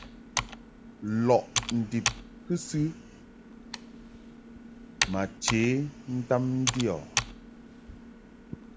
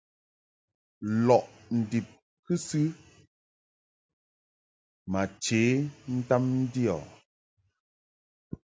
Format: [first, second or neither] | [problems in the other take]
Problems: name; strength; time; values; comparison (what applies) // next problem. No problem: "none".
second | background sound (Computer keyboard); 5 dB below the speech